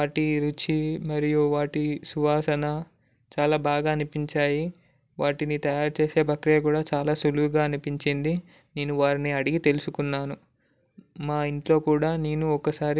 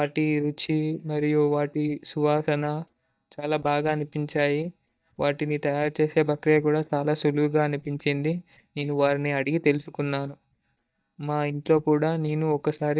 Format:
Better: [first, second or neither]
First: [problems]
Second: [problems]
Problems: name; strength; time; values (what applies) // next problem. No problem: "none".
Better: first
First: none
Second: noise reduction (neural mask model DeepFilterNet 3)